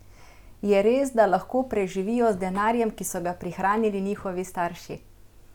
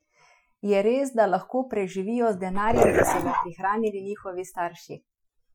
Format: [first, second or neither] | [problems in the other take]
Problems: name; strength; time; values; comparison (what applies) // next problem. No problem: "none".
first | noise reduction (classical method Wiener filter)